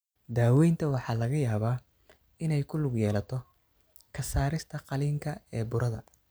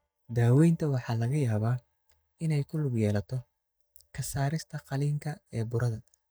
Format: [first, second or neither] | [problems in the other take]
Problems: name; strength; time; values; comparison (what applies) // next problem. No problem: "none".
first | noise reduction (neural mask model DeepFilterNet 3)